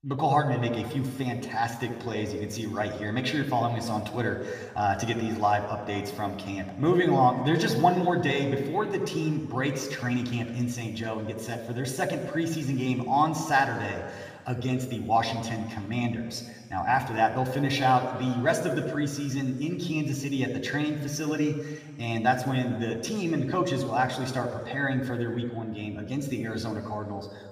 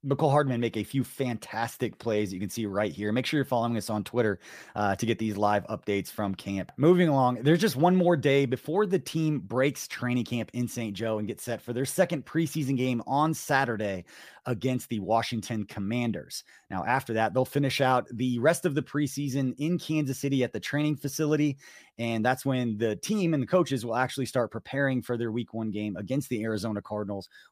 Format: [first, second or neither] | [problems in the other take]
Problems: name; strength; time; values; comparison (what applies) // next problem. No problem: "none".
second | room echo; slight; dies away in 2.1 s // off-mic speech; somewhat distant